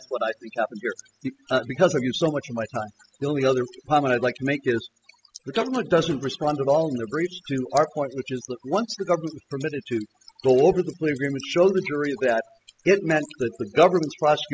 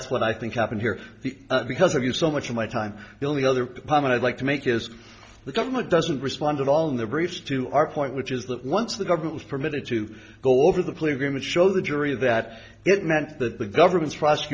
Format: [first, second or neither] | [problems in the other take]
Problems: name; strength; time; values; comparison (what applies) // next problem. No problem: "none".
second | noise reduction (classical method spectral subtraction)